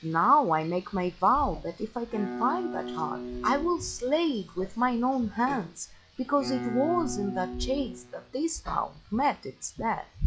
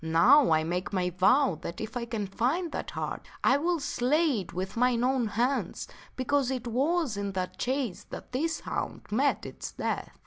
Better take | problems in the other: second | noise reduction (classical method log-MMSE)

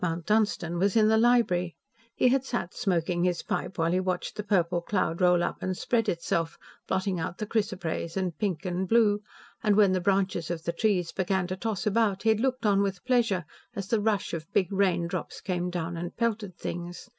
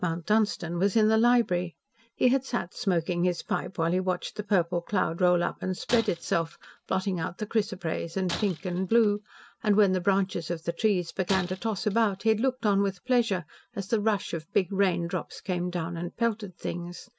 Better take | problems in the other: first | background sound (Shatter); 16 dB below the speech

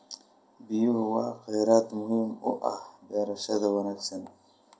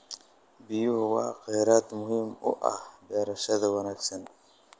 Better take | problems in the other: second | room echo; dies away in 0.2 s

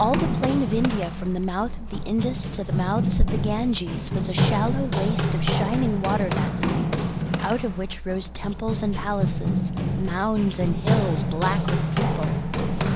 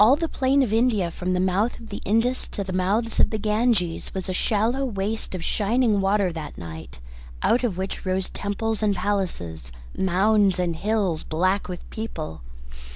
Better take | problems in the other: second | background sound (Run); 1 dB above the speech

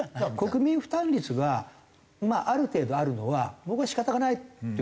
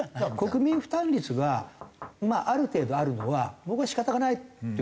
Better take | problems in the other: first | background sound (Knock / Wood); 18 dB below the speech

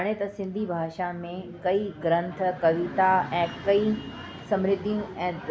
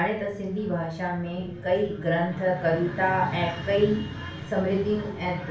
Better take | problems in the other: first | room echo; dies away in 0.3 s

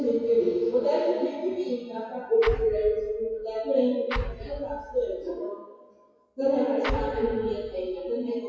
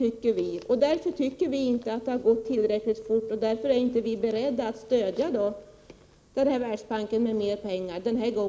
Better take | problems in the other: second | noise reduction (classical method WPE with log-MMSE)

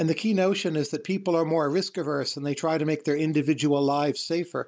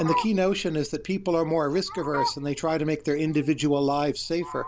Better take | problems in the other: first | background sound (Fowl); 10 dB below the speech

